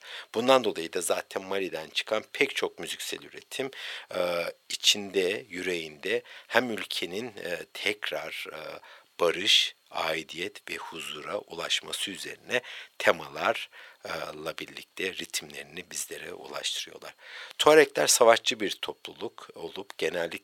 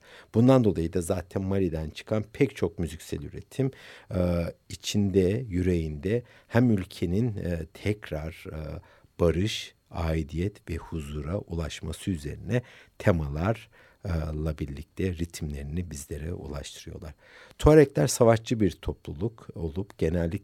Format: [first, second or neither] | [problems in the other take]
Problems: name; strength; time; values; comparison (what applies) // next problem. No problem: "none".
second | thin; very; fading below 700 Hz